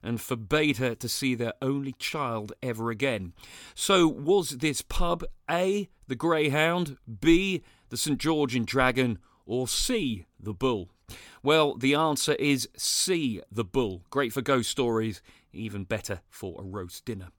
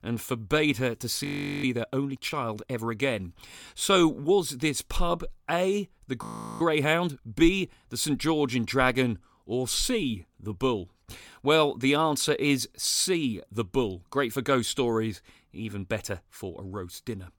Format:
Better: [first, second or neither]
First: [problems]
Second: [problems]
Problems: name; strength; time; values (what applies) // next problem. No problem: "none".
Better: first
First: none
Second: audio freezing; at 1 s and at 6 s